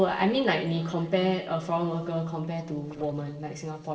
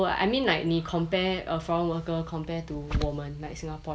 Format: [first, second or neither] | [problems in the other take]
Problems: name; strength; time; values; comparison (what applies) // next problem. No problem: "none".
second | noise reduction (neural separator model SepFormer DNS4)